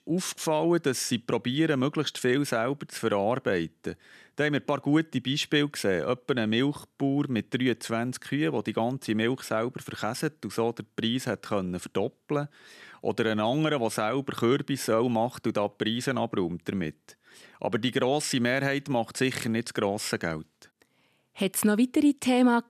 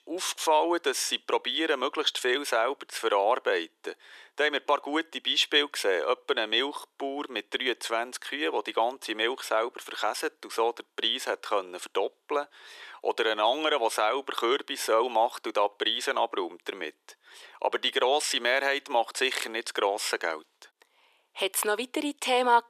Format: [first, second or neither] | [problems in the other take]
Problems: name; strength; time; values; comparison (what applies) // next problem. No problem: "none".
first | thin; very; fading below 400 Hz